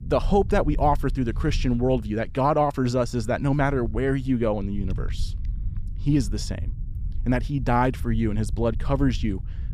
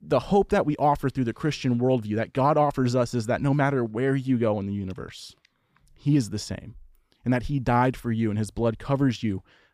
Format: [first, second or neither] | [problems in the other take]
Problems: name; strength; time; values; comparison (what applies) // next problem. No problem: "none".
second | low rumble; faint; throughout; 25 dB below the speech